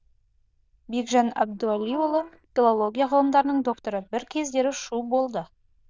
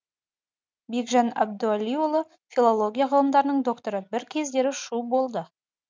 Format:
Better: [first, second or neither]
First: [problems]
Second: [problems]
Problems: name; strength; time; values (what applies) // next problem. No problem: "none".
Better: second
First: noise reduction (neural diffusion model UNIVERSE++)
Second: none